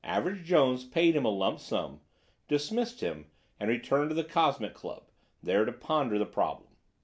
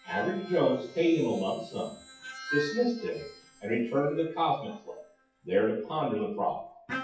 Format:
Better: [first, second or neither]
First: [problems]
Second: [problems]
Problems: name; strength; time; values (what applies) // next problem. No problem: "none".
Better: first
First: none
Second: noise reduction (classical method WPE with log-MMSE)